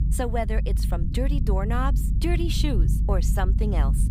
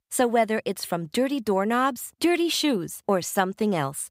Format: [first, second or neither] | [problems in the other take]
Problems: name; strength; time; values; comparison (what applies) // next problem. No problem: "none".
second | low rumble; loud; throughout; 9 dB below the speech